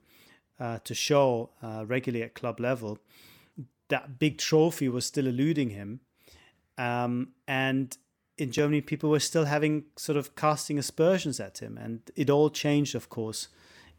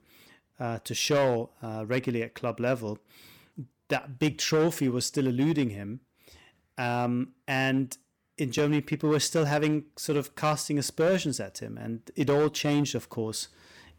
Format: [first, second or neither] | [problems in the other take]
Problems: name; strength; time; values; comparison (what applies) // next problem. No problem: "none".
first | distortion; slight; 5% of the sound clipped